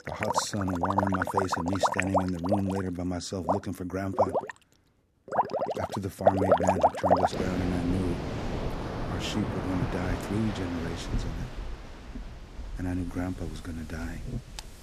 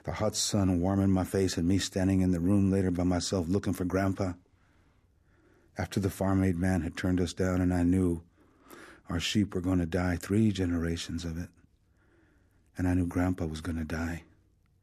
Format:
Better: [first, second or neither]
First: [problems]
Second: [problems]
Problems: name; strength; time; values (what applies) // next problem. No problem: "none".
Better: second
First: rain or running water; very loud; throughout; 3 dB above the speech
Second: none